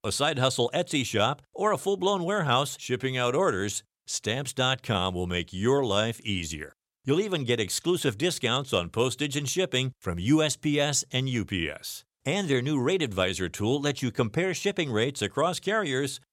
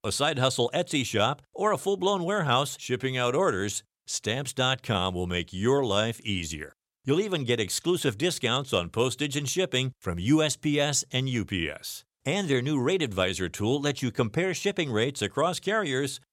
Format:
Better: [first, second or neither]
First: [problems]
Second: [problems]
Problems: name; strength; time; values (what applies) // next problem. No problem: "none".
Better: neither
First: none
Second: none